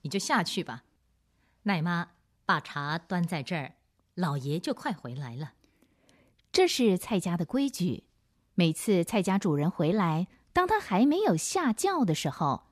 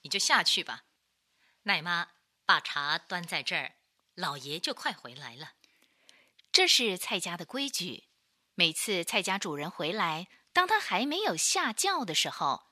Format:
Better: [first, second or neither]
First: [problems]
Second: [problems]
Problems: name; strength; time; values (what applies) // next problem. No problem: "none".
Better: first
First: none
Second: thin; somewhat; fading below 1 kHz